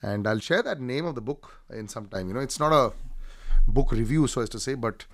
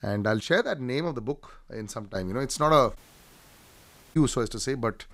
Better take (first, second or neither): first